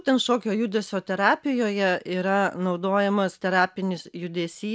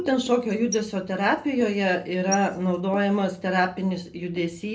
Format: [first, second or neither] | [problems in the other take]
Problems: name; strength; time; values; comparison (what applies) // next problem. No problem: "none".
first | background sound (Writing); 18 dB below the speech // room echo; dies away in 0.3 s